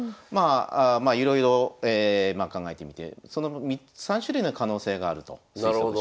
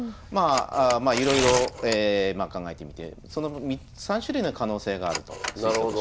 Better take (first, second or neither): first